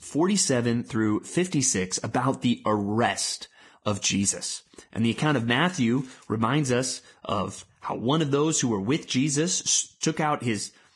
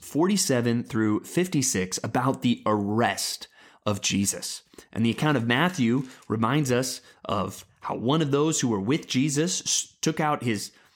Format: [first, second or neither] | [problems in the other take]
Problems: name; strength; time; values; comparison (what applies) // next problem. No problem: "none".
second | garbled, watery; badly